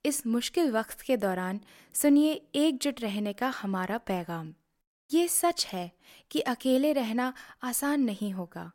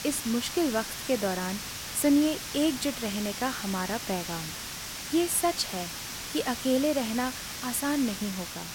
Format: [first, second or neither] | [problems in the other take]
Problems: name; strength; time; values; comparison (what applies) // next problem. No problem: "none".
first | hiss; loud; throughout; 6 dB below the speech